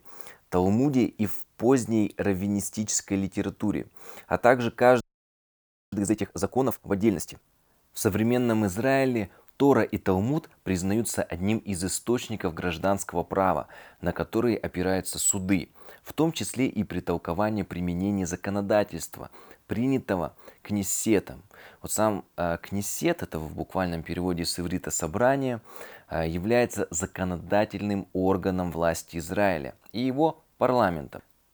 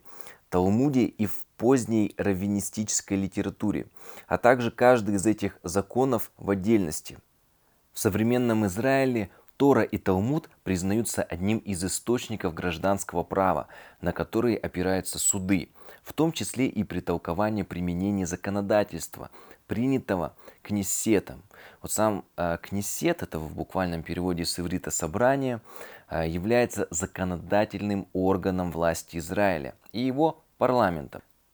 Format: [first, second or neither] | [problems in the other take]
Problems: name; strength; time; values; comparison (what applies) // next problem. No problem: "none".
second | audio freezing; at 5 s for 1 s